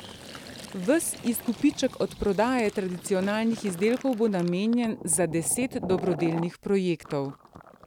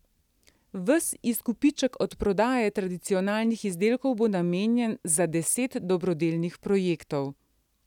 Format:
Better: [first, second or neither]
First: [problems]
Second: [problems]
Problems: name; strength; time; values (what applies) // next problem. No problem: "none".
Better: second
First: background sound (Fill (with liquid)); 15 dB below the speech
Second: none